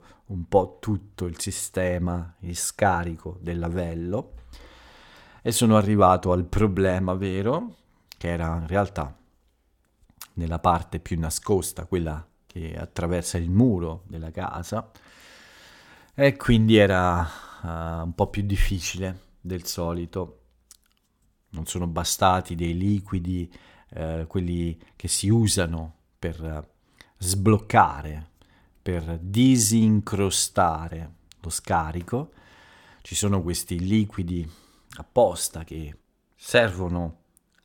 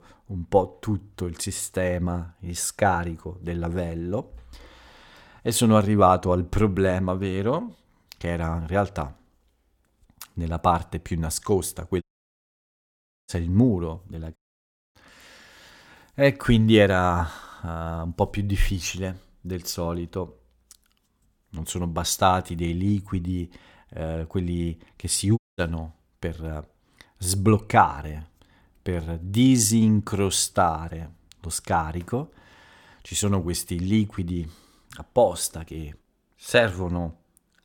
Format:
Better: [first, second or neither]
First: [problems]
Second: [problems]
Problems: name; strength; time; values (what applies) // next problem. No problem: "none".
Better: first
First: none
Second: audio cutting out; at 12 s for 1.5 s, at 14 s for 0.5 s and at 25 s